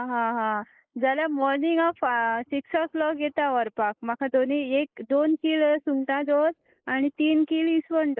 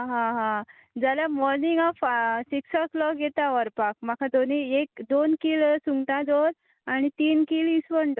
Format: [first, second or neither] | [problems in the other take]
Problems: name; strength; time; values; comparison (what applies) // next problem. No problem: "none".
second | noise reduction (neural mask model Resemble Enhance denoiser)